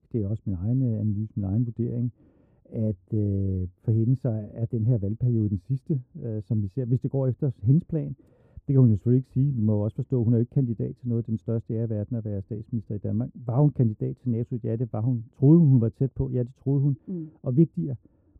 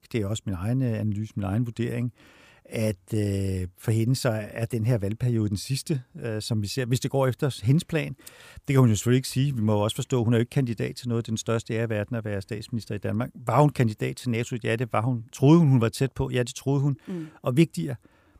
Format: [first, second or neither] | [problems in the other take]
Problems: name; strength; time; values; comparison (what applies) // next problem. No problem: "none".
second | muffled; very; fading above 1 kHz